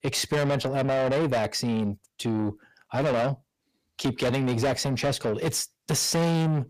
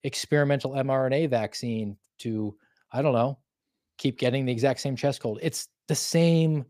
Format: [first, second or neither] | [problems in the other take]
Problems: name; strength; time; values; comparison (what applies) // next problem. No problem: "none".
second | distortion; heavy; 5 dB below the speech